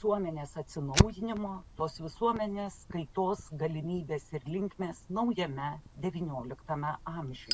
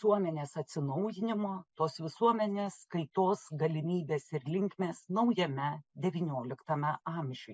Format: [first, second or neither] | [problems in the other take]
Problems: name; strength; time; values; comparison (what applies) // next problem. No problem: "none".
second | background sound (Fire); 4 dB below the speech